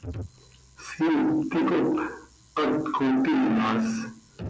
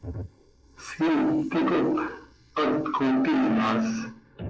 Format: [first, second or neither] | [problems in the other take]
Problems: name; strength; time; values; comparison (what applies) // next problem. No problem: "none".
first | noise reduction (neural mask model Resemble Enhance denoiser)